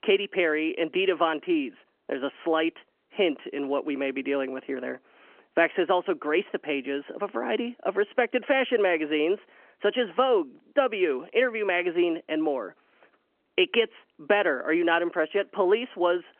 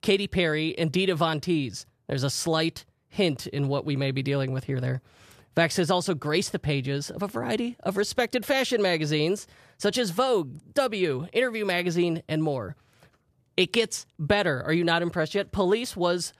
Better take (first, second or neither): second